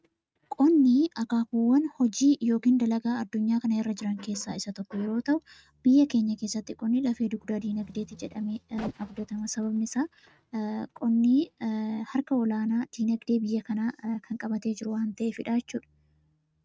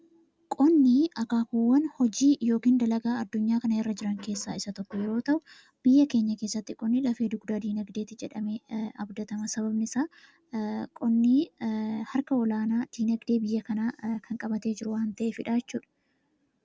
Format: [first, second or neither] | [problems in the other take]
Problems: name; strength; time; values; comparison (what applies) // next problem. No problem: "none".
second | noise reduction (neural mask model RNNoise)